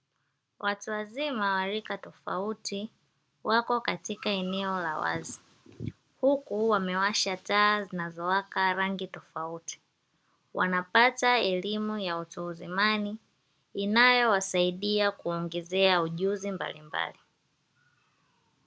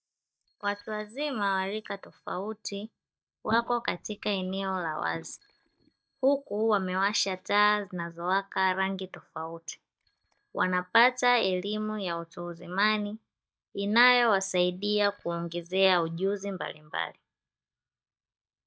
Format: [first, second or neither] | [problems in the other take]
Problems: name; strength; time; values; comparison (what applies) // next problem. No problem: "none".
first | noise reduction (neural mask model DeepFilterNet 3)